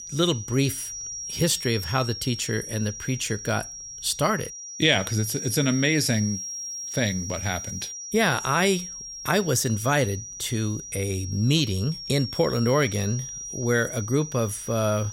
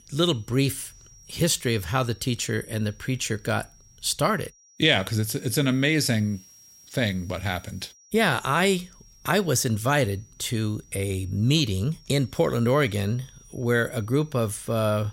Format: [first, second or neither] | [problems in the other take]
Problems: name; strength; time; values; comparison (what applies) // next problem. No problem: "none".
second | high-pitched whine; loud; throughout; 5.5 kHz, 8 dB below the speech; faint in the second